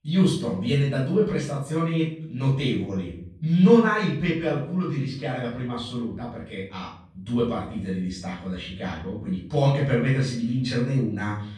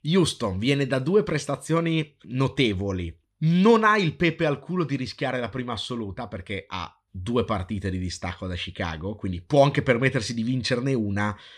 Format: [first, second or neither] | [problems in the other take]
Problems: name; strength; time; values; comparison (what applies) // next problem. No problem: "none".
second | off-mic speech; far // room echo; noticeable; dies away in 0.5 s